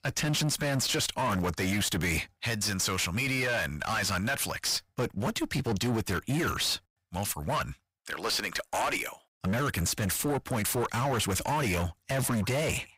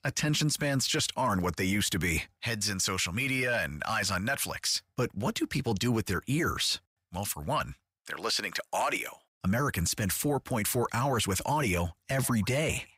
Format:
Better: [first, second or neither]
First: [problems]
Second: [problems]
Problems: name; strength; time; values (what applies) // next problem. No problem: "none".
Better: second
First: distortion; slight; 22% of the sound clipped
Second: none